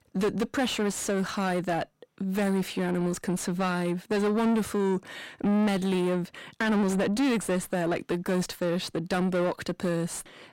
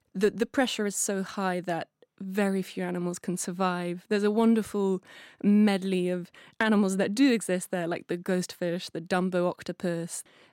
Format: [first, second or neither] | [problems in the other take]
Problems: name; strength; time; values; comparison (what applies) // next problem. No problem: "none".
second | distortion; heavy; 7 dB below the speech